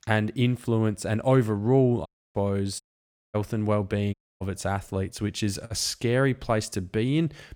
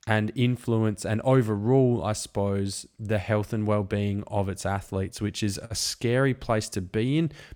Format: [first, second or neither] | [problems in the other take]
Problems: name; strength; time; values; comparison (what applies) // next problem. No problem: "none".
second | audio cutting out; at 2 s, at 3 s for 0.5 s and at 4 s